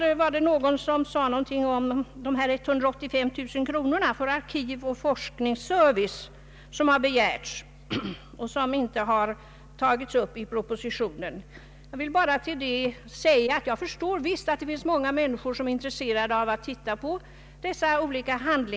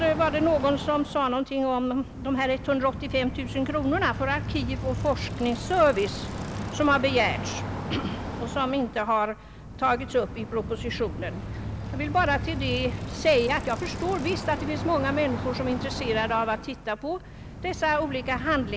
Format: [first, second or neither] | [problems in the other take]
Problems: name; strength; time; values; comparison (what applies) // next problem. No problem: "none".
first | background sound (Bicycle); 7 dB below the speech